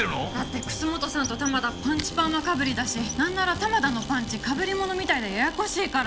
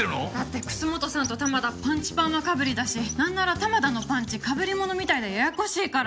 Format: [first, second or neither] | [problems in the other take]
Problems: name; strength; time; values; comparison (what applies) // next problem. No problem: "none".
second | background sound (Engine + Domestic sounds, home sounds); 13 dB below the speech